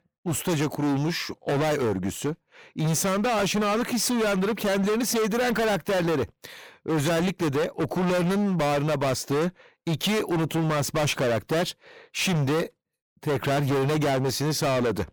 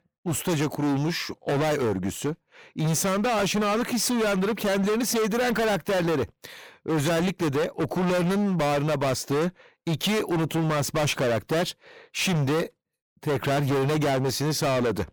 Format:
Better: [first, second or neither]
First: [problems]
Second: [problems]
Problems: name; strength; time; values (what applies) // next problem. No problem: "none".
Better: neither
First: distortion; heavy; 31% of the sound clipped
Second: distortion; heavy; 31% of the sound clipped